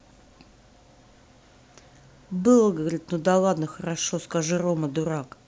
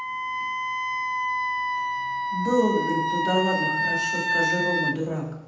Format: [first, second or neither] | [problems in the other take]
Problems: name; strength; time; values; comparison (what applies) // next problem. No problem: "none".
first | background sound (Wind instrument, woodwind instrument); 2 dB above the speech // room echo; dies away in 0.8 s